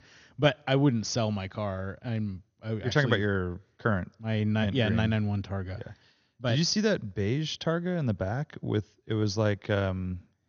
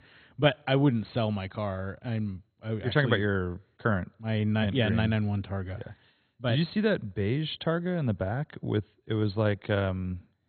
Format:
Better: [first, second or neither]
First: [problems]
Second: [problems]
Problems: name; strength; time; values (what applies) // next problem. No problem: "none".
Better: first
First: garbled, watery; slightly; nothing above 6.5 kHz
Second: garbled, watery; badly; nothing above 4 kHz